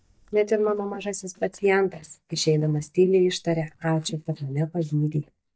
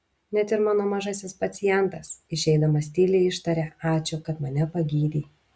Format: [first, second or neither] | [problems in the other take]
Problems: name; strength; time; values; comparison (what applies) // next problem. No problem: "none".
second | noise reduction (neural mask model DeepFilterNet 3)